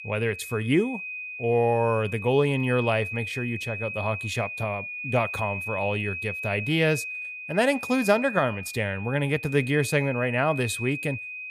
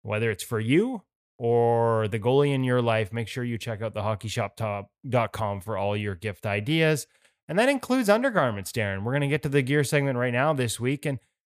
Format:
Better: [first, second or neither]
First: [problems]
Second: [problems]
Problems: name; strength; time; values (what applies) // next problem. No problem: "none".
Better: second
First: high-pitched whine; loud; throughout; 2.5 kHz, 7 dB below the speech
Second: none